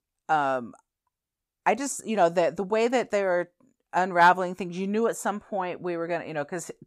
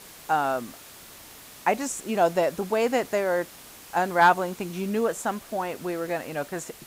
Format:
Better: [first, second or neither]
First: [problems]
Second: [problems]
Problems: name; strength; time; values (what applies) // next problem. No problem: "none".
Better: first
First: none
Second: hiss; noticeable; throughout; 20 dB below the speech